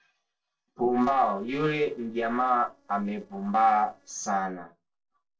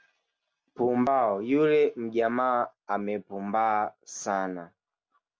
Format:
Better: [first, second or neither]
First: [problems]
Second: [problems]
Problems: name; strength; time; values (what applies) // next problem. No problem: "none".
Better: second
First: noise reduction (neural separator model SepFormer DNS4)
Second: none